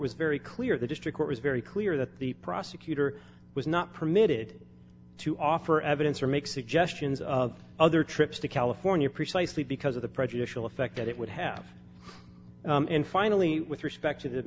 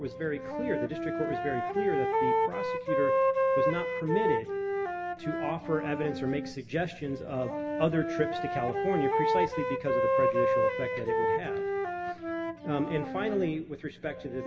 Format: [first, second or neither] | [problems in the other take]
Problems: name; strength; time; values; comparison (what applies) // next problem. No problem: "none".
first | background sound (Wind instrument, woodwind instrument); 3 dB above the speech // room echo; dies away in 2 s